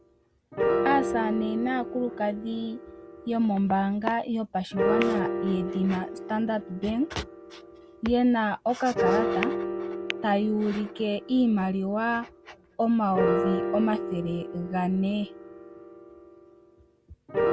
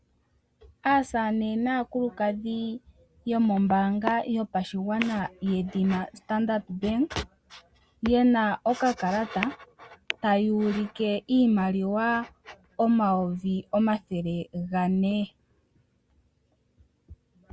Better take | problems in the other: second | background sound (Piano); 4 dB below the speech

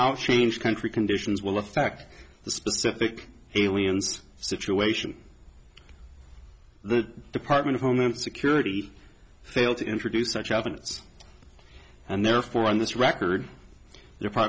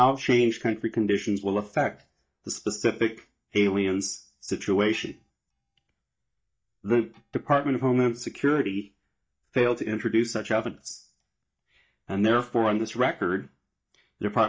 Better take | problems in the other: first | noise reduction (neural mask model DeepFilterNet 3)

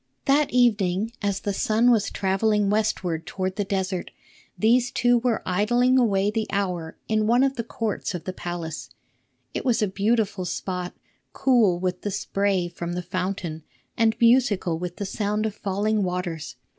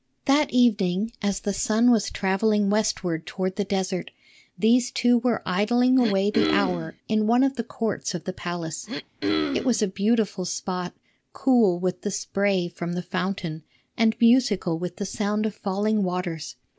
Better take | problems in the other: first | background sound (Cough); 4 dB below the speech

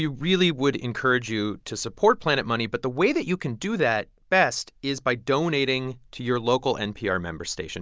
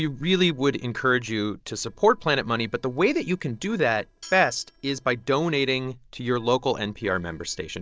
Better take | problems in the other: first | noise reduction (neural separator model SepFormer DNS4)

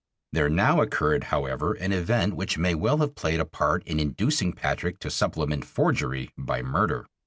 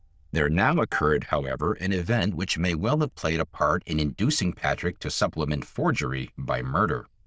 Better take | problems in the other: first | noise reduction (neural diffusion model UNIVERSE++)

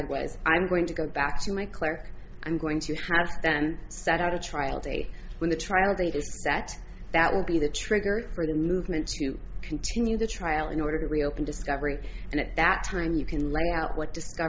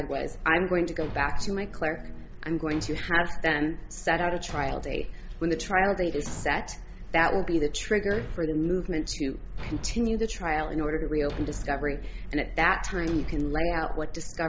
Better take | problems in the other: first | background sound (Thump, thud + Guitar); 17 dB below the speech

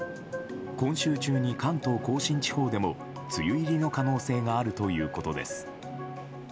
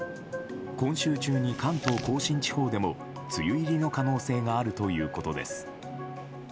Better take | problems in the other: first | background sound (Chewing, mastication); 12 dB below the speech

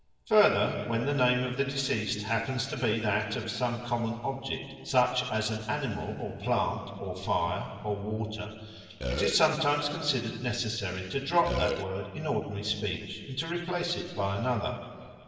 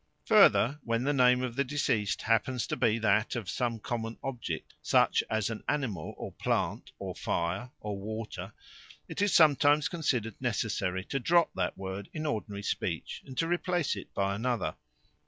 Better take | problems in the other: second | background sound (Burping, eructation); 1 dB below the speech // room echo; dies away in 1.9 s

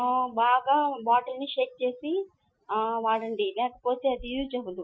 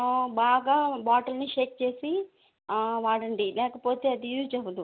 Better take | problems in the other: second | noise reduction (classical method Wiener filter)

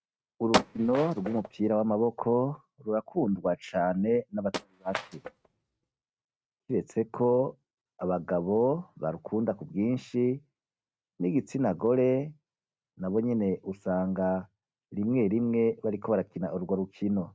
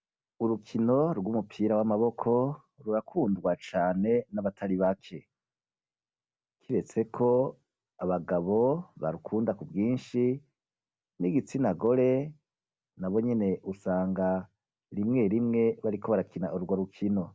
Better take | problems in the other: second | noise reduction (neural mask model RNNoise)

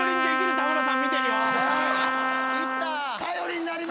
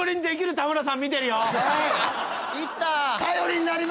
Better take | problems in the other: second | background sound (Trumpet); 3 dB above the speech

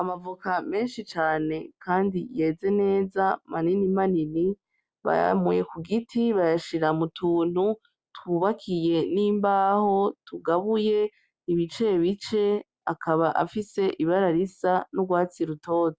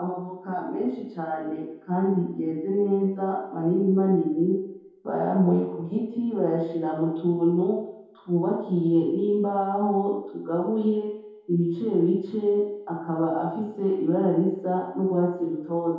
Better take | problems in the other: first | room echo; dies away in 0.8 s

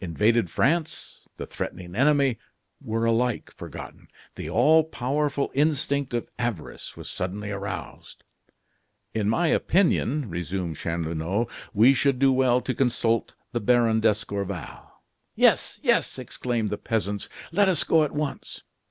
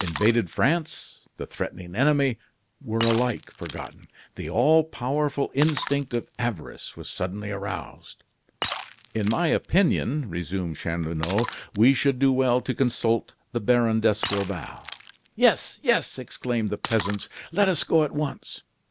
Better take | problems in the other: first | background sound (Shatter); 15 dB below the speech

